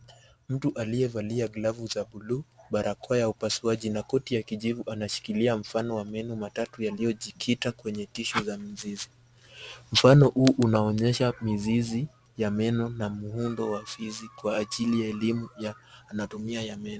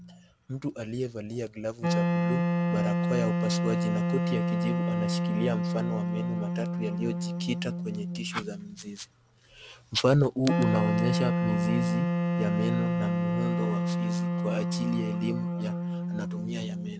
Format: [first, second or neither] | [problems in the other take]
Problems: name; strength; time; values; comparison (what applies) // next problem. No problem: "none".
first | background sound (Wind instrument, woodwind instrument); 4 dB above the speech